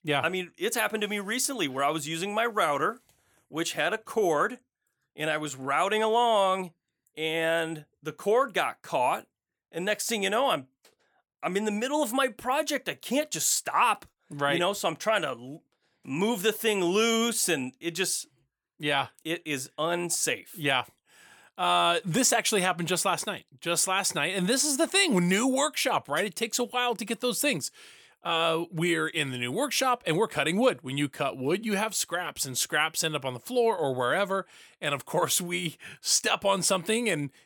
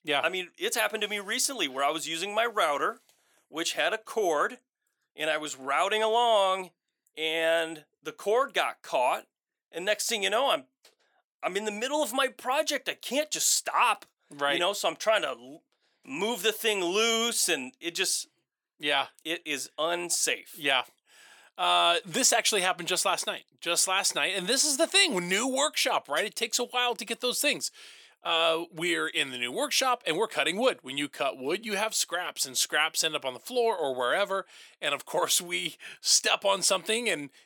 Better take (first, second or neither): first